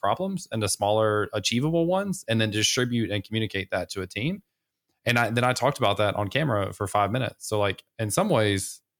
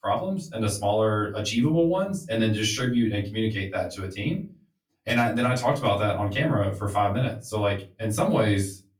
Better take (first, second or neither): first